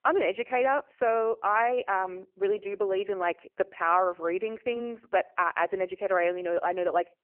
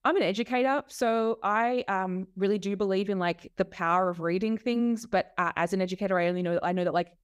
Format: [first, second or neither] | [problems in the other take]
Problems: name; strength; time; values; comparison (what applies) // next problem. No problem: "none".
second | phone-call audio; poor line; nothing above 3 kHz